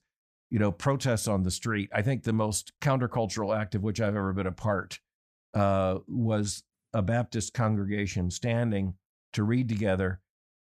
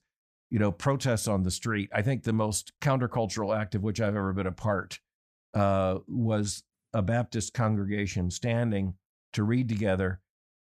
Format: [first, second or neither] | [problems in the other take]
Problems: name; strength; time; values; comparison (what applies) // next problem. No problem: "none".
neither | none